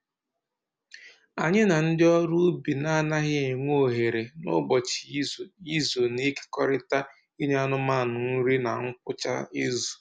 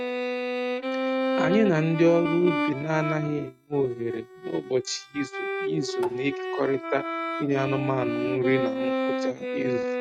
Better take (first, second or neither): first